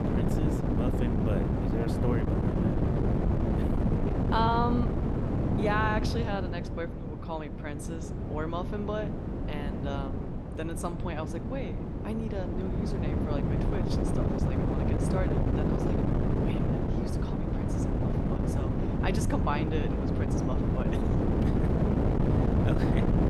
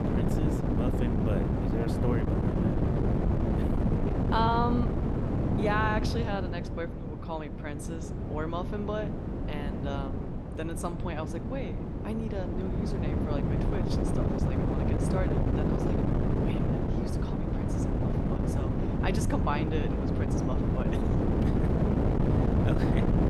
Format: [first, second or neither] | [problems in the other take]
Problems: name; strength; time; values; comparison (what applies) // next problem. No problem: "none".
neither | wind noise on the microphone; heavy; as loud as the speech; the same in both